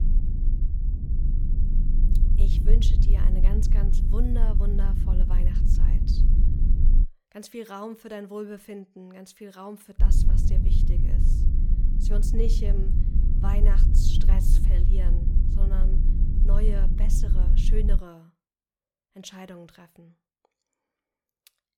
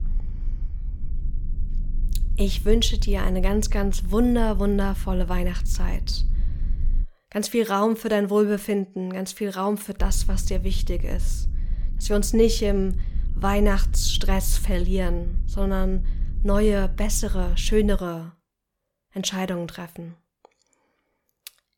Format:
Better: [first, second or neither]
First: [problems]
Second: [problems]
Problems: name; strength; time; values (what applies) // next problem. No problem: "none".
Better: second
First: low rumble; loud; until 7 s and from 10 to 18 s; 3 dB below the speech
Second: low rumble; faint; until 7 s and from 10 to 18 s; 25 dB below the speech